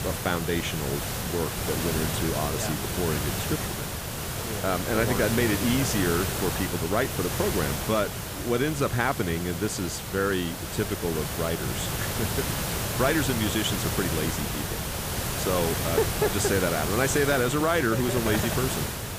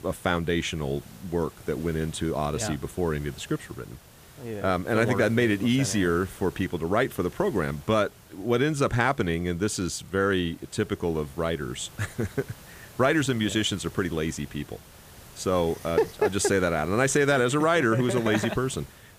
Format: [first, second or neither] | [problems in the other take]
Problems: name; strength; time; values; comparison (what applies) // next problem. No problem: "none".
second | hiss; loud; throughout; 2 dB below the speech; faint in the second